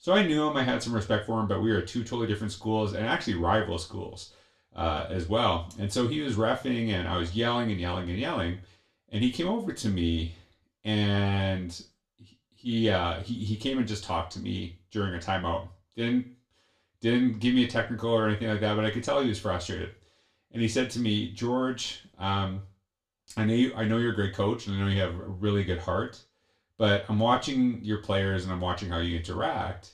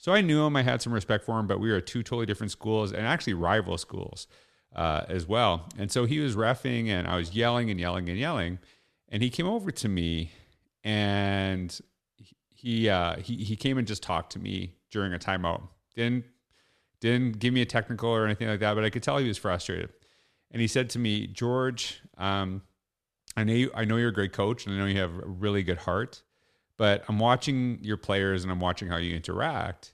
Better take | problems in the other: second | room echo; very slight; dies away in 0.3 s // off-mic speech; far

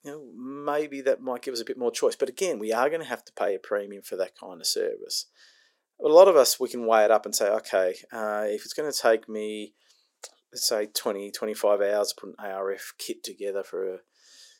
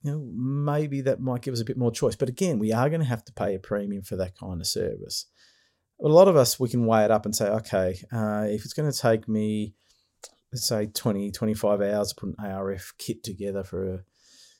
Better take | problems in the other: second | thin; very; fading below 350 Hz

